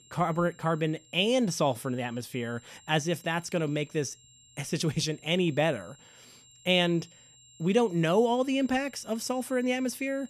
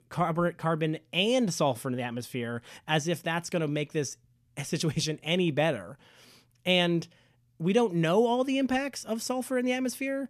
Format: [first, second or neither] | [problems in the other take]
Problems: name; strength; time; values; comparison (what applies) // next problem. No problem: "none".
second | high-pitched whine; faint; throughout; 7.5 kHz, 25 dB below the speech